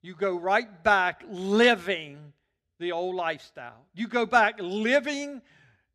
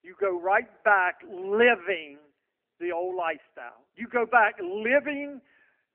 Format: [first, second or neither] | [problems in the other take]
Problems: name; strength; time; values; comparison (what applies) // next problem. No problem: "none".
first | phone-call audio; nothing above 3 kHz